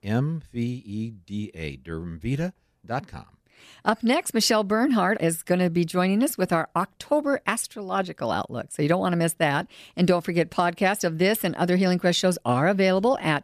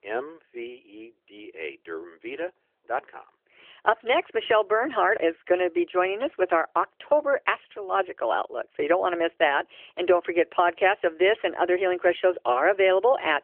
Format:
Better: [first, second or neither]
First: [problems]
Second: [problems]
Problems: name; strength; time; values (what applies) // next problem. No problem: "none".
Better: first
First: none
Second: phone-call audio; nothing above 3 kHz